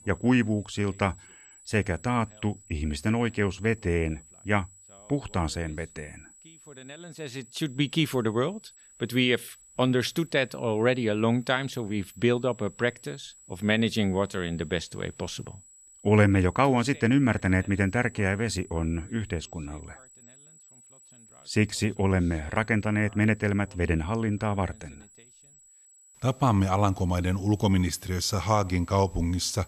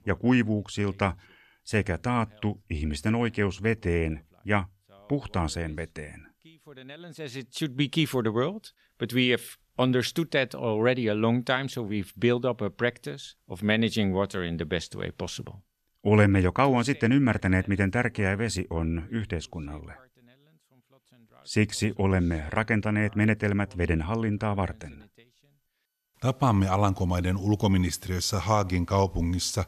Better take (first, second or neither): second